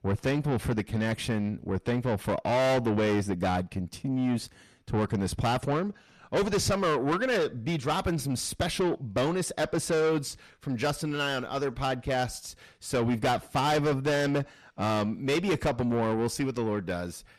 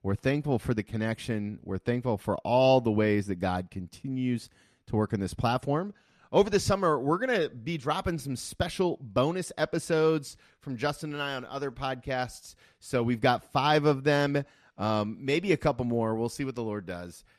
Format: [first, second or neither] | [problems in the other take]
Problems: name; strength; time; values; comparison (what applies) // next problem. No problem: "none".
second | distortion; heavy; 7 dB below the speech